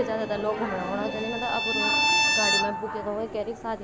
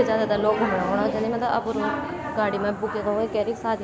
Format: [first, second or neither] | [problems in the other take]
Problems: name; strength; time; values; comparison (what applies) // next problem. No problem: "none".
second | background sound (Bowed string instrument); 1 dB above the speech